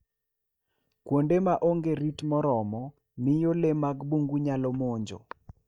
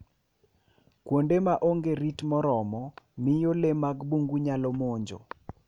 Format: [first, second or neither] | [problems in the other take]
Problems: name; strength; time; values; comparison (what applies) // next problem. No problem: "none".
second | noise reduction (neural mask model DeepFilterNet 3)